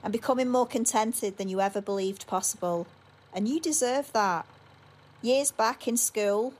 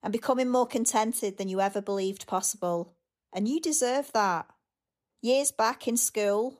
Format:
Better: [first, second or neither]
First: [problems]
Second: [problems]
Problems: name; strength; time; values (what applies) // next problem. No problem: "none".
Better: second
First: traffic noise; faint; throughout; 30 dB below the speech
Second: none